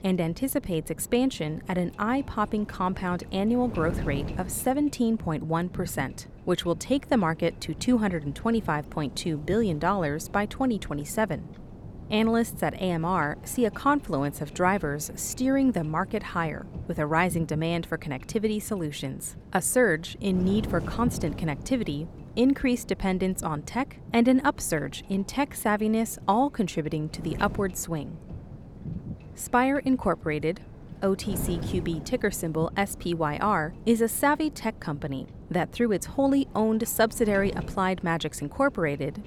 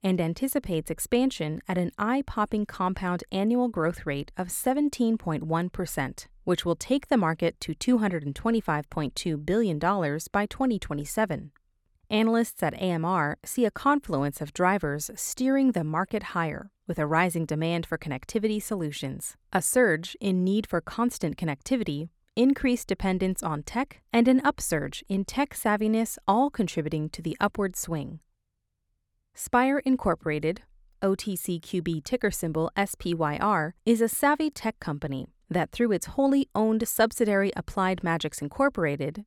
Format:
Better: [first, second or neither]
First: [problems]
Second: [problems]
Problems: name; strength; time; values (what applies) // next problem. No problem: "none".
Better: second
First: wind noise on the microphone; occasional gusts; 20 dB below the speech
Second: none